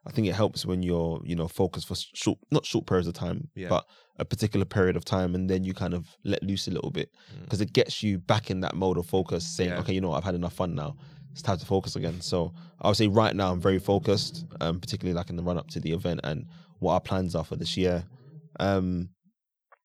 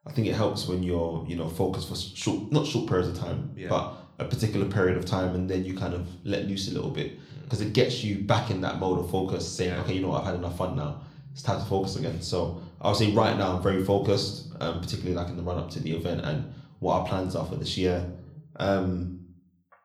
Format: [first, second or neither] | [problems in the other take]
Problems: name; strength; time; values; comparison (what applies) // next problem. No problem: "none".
first | room echo; slight; dies away in 0.5 s